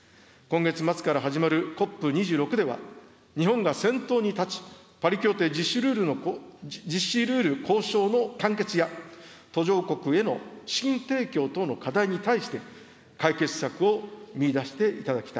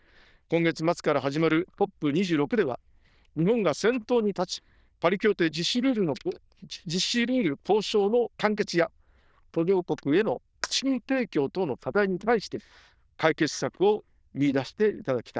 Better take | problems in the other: first | noise reduction (neural diffusion model UNIVERSE++)

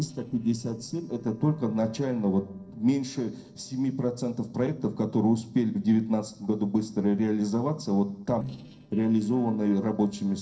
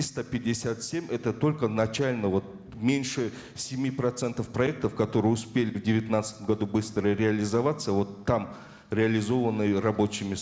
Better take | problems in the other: second | noise reduction (neural separator model SepFormer DNS4)

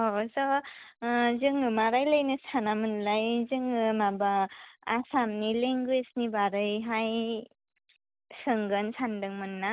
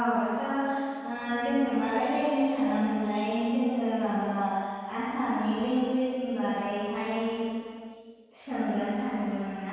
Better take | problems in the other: first | room echo; dies away in 2.1 s

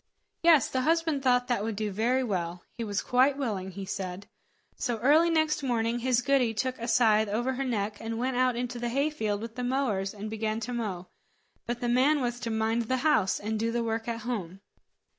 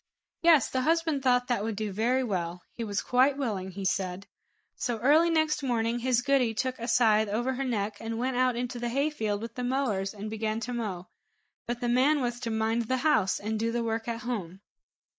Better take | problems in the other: first | noise reduction (neural mask model Resemble Enhance denoiser)

